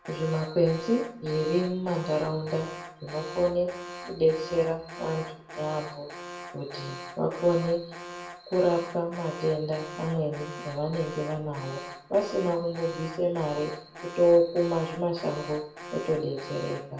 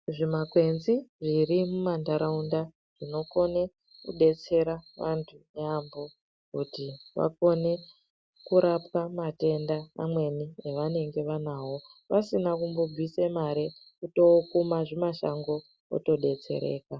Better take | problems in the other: second | background sound (Alarm); 13 dB below the speech // room echo; dies away in 0.6 s

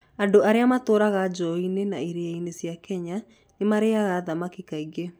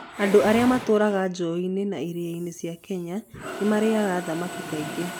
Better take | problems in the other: first | background sound (Mechanisms); 12 dB below the speech

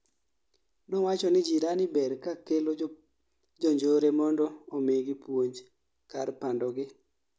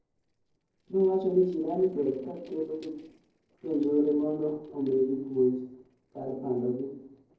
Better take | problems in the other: first | noise reduction (neural separator model SepFormer DNS4)

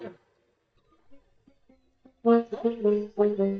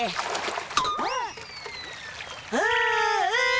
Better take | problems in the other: second | noise reduction (neural mask model DeepFilterNet 3)

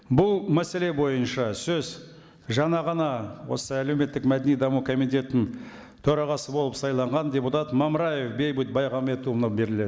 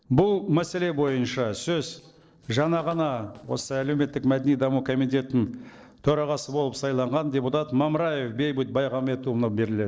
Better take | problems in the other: first | noise reduction (neural separator model SepFormer DNS4)

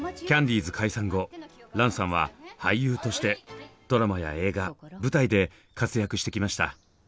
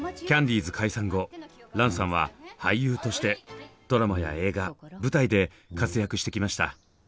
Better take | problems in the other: first | background sound (Brass instrument); 13 dB below the speech

